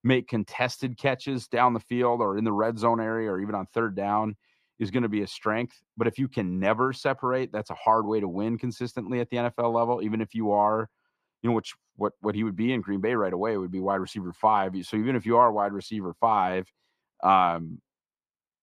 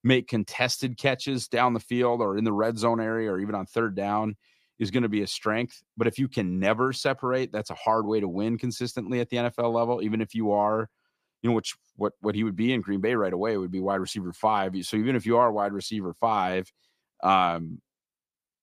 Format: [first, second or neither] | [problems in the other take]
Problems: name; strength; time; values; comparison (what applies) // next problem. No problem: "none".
second | muffled; slightly; fading above 3.5 kHz